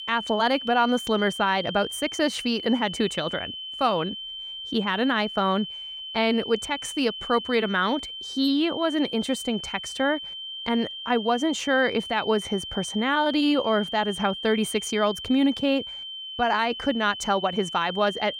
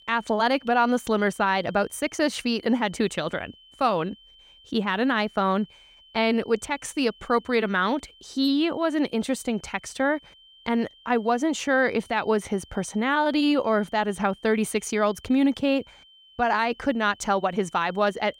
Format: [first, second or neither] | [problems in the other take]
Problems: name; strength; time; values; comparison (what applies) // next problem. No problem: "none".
second | high-pitched whine; loud; throughout; 3 kHz, 8 dB below the speech; faint in the second